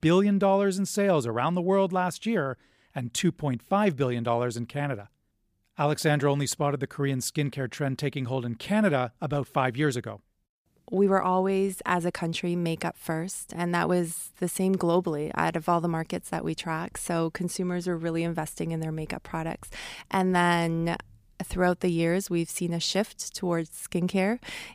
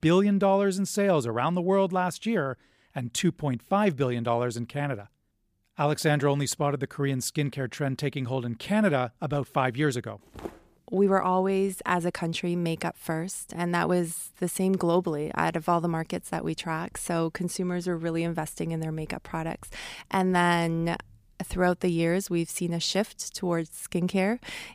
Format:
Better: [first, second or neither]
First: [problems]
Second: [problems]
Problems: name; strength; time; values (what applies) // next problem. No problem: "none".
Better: first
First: none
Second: footsteps; faint; at 10 s; peak 15 dB below the speech